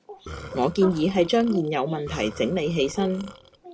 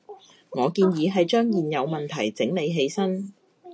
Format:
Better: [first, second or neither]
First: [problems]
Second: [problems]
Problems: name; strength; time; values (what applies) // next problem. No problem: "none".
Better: second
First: background sound (Burping, eructation); 16 dB below the speech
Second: none